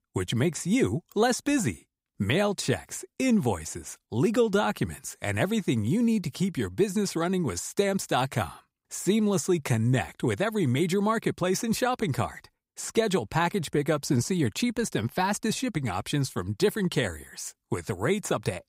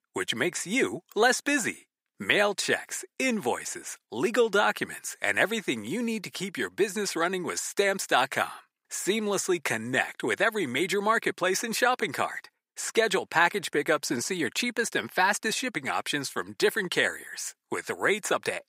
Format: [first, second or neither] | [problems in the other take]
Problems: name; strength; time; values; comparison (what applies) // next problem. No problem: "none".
first | thin; somewhat; fading below 350 Hz